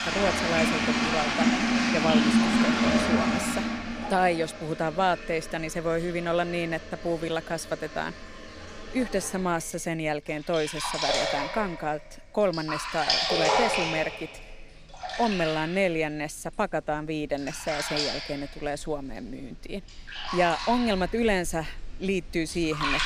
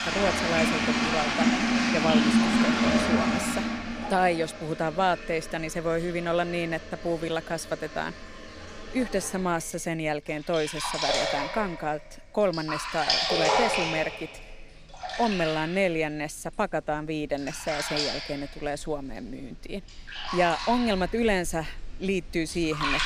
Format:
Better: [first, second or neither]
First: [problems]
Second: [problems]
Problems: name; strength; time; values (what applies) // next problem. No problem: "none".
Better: neither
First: household noises; very loud; throughout; 2 dB above the speech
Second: household noises; very loud; throughout; 2 dB above the speech